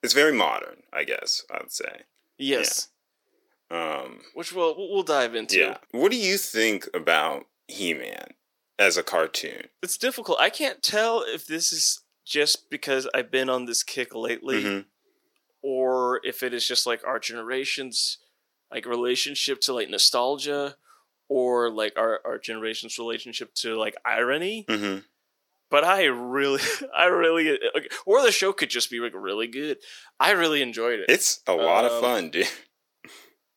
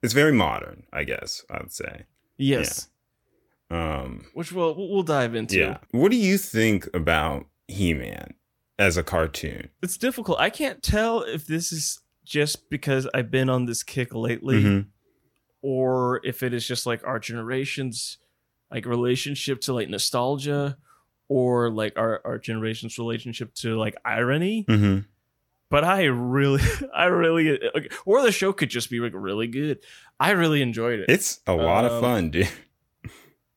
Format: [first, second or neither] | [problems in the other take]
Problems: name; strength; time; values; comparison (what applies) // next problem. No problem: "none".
second | thin; somewhat; fading below 350 Hz